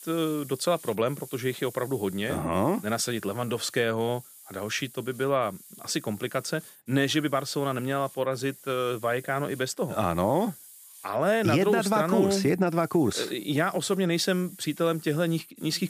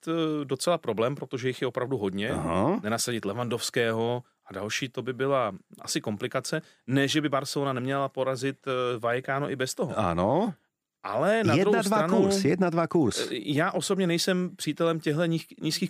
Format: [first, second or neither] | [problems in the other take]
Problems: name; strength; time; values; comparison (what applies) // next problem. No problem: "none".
second | hiss; noticeable; throughout; 20 dB below the speech